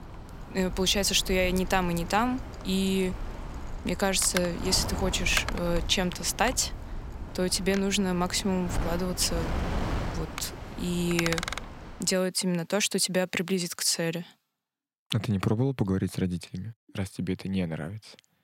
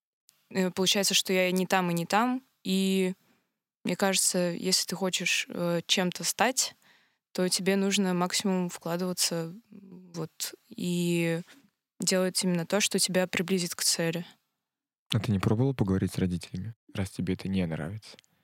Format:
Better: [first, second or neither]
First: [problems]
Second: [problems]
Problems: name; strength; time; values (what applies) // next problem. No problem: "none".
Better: second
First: wind noise on the microphone; heavy; until 12 s; 9 dB below the speech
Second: none